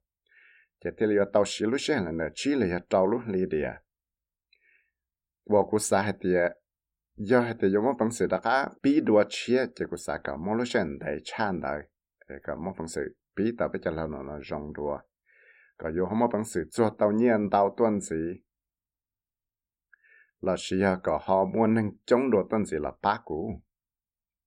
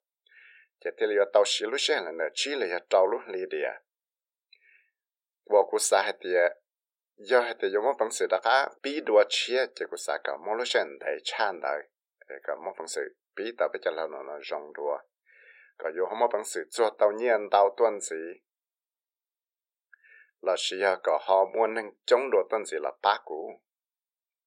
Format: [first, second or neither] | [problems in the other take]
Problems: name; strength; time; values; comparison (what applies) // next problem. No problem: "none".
first | thin; very; fading below 450 Hz